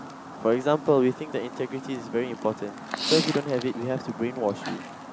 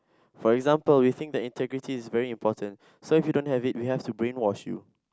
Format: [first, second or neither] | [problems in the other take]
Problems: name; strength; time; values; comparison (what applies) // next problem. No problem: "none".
second | background sound (Chirp, tweet); 9 dB below the speech